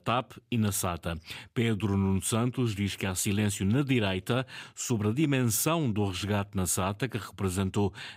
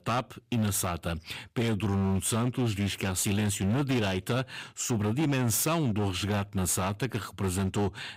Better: first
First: none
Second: distortion; slight; 15% of the sound clipped

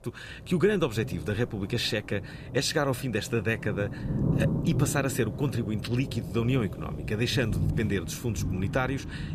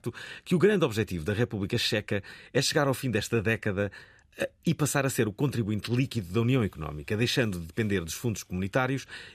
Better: second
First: rain or running water; loud; throughout; 5 dB below the speech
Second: none

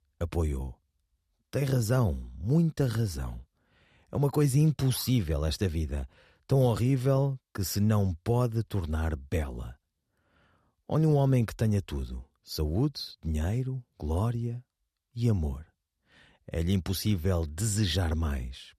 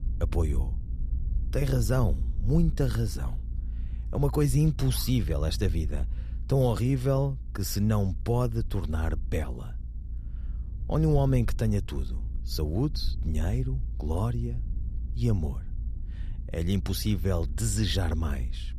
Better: first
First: none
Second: low rumble; faint; throughout; 20 dB below the speech

